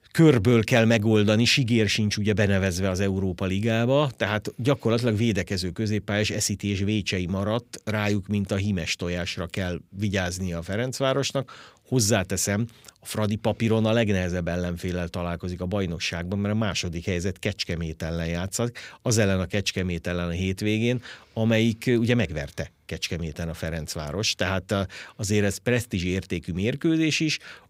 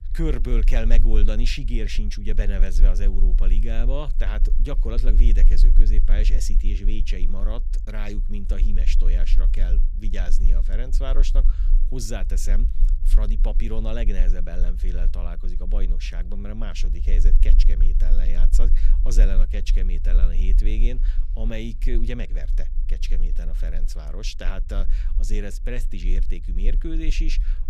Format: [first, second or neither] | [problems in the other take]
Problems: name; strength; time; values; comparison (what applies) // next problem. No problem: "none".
first | low rumble; noticeable; throughout; 15 dB below the speech